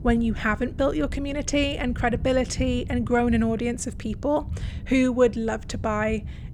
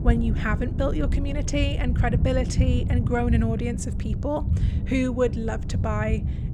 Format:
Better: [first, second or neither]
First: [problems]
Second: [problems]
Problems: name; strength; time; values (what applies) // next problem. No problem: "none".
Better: first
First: low rumble; faint; throughout; 20 dB below the speech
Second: low rumble; loud; throughout; 10 dB below the speech